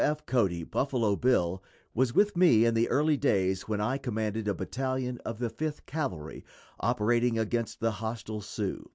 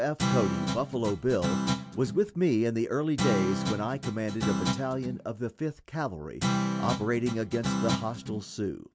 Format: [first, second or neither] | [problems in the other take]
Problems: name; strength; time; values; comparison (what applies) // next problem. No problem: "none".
first | background sound (Guitar); 1 dB below the speech